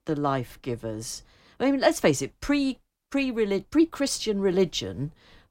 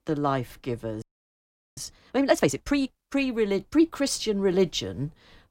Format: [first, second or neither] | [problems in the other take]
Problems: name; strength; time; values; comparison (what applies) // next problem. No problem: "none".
first | audio freezing; at 1 s for 1 s